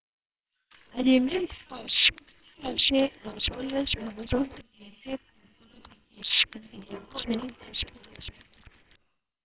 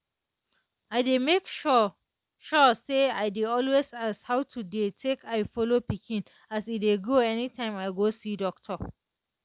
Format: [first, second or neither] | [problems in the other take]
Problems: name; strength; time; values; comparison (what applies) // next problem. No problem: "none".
second | noise reduction (neural separator model SepFormer WHAMR!)